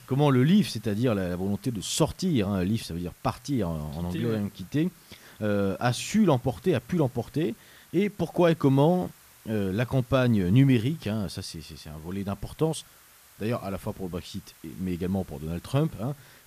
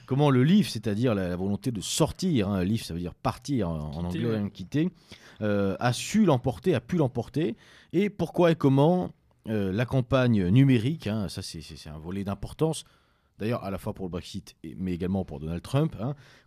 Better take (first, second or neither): second